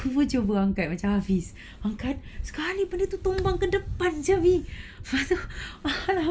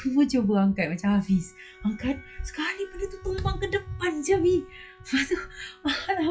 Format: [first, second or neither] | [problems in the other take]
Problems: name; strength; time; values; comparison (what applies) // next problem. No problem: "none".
first | noise reduction (classical method log-MMSE)